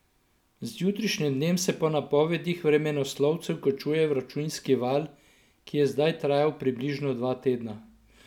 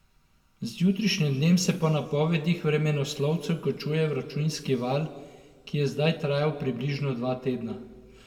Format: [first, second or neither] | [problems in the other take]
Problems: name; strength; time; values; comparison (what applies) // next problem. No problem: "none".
first | room echo; dies away in 1.5 s